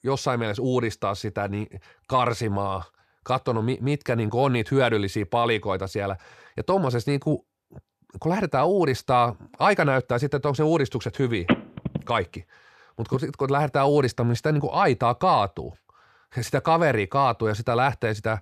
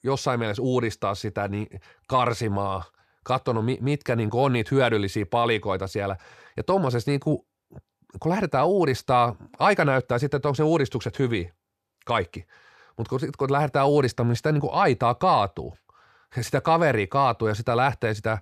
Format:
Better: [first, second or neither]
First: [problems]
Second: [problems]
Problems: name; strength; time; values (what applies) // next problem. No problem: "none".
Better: second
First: phone ringing; noticeable; from 11 to 13 s; peak 2 dB below the speech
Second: none